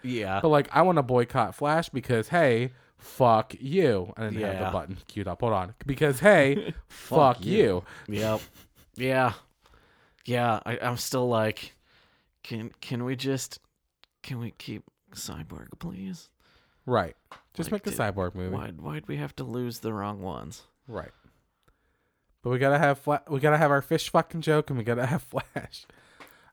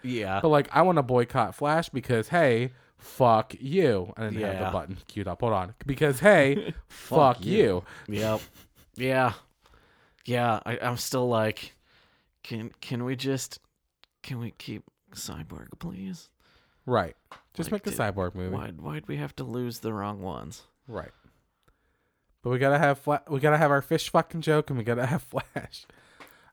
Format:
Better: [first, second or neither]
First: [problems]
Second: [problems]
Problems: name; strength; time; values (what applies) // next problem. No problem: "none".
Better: neither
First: none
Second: none